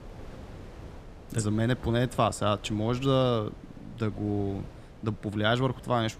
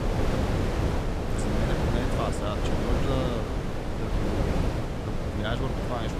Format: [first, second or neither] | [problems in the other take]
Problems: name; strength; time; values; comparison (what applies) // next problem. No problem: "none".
first | wind noise on the microphone; heavy; 3 dB above the speech; occasional gusts in the first